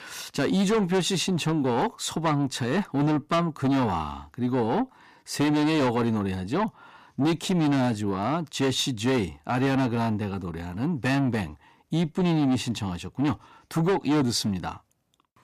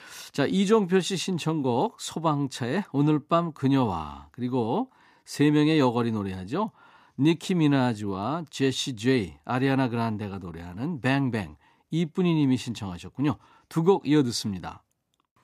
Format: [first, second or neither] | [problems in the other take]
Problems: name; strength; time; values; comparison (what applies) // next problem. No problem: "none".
second | distortion; heavy; 8 dB below the speech